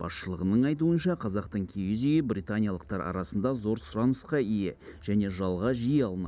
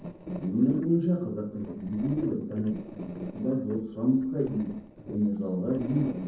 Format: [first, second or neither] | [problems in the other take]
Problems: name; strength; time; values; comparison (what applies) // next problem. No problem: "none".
first | noise reduction (neural separator model SepFormer DNS4)